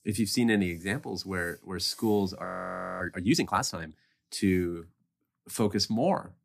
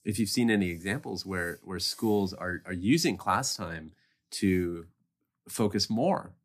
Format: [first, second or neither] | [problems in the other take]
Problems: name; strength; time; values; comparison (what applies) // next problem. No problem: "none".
second | audio freezing; at 2.5 s for 0.5 s